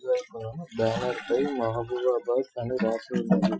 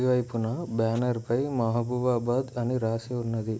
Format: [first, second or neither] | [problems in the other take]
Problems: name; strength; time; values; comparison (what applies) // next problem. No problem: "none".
second | noise reduction (classical method Wiener filter)